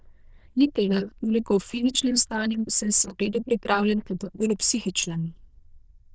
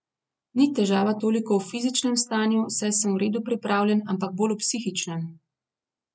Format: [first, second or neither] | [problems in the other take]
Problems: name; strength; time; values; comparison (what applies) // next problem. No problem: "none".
second | noise reduction (neural diffusion model UNIVERSE++)